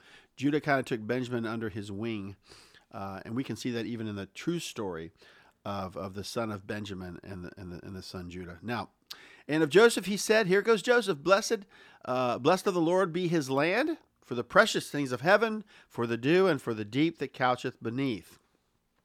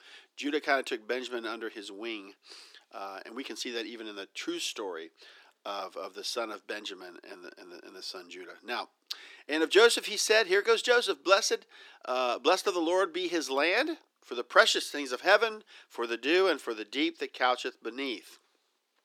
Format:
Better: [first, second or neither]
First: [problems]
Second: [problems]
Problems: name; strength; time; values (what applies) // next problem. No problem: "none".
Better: first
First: none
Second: thin; somewhat; fading below 300 Hz